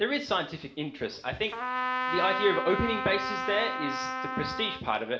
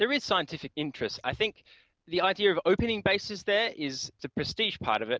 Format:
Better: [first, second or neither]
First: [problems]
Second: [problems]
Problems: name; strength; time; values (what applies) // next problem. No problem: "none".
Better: second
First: background sound (Trumpet); 2 dB below the speech // room echo; dies away in 1.9 s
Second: none